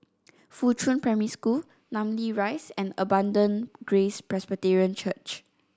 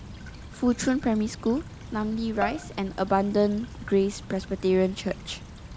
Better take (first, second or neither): first